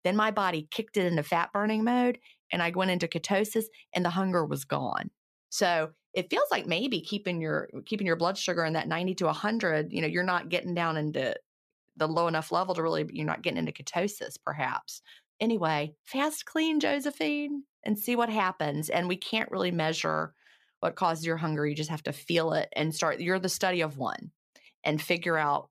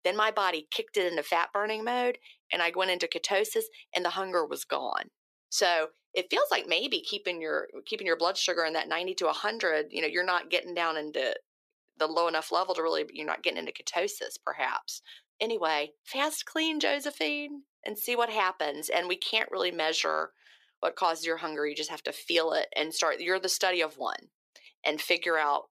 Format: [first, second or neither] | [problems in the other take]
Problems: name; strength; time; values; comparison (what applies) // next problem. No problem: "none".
first | thin; somewhat; fading below 350 Hz